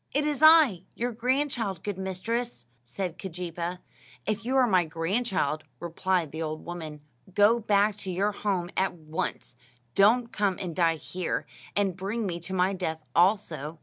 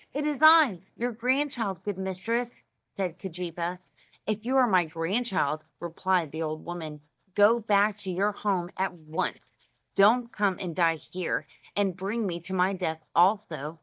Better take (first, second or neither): first